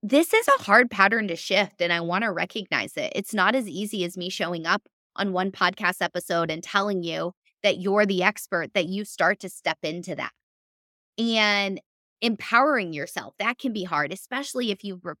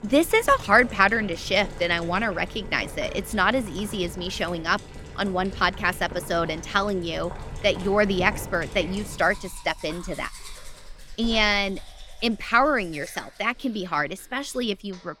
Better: first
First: none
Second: household noises; noticeable; throughout; 15 dB below the speech

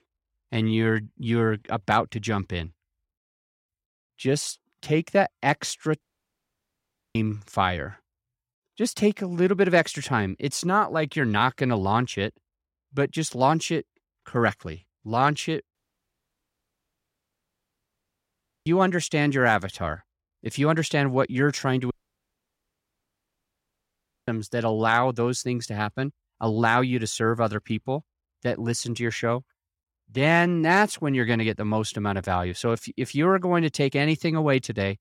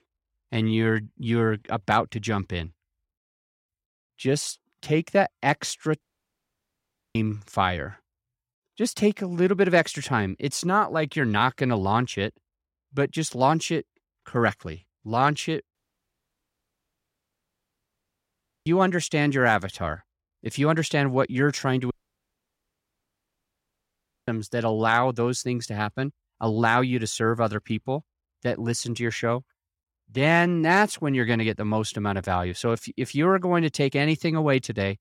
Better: neither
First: audio cutting out; at 6 s for 1 s, at 16 s for 3 s and at 22 s for 2.5 s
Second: audio cutting out; at 6 s for 1 s, at 16 s for 3 s and at 22 s for 2.5 s

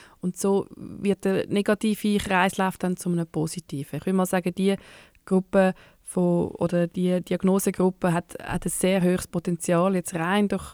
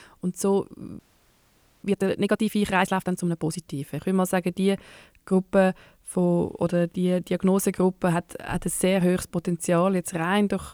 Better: first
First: none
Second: audio freezing; at 1 s for 1 s

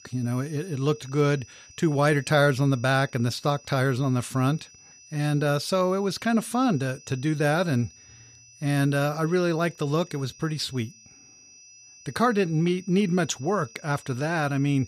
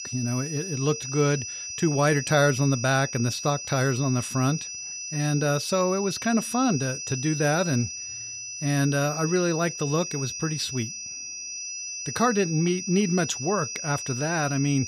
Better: first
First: high-pitched whine; faint; throughout; 6 kHz, 25 dB below the speech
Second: high-pitched whine; loud; throughout; 6 kHz, 7 dB below the speech

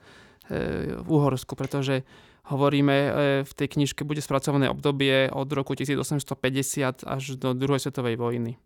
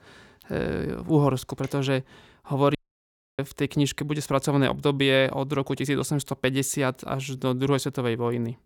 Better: first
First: none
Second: audio cutting out; at 3 s for 0.5 s

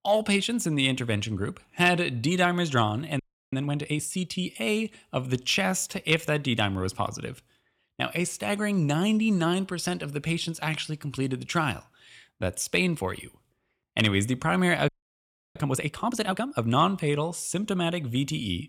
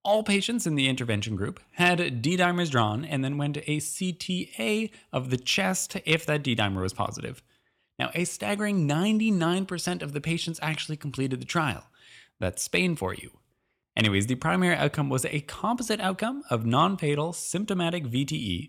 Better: second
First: audio freezing; at 3 s and at 15 s for 0.5 s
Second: none

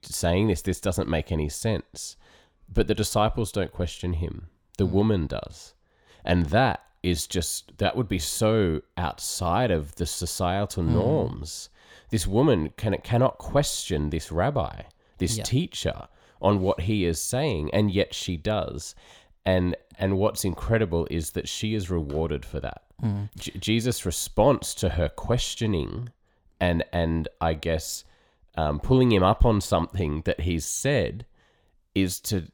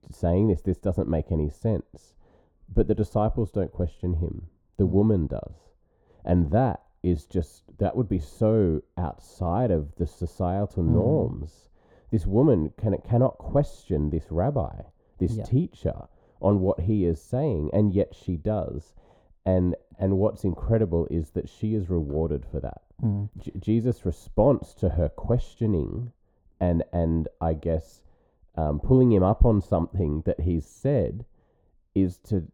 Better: first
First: none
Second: muffled; very; fading above 1.5 kHz

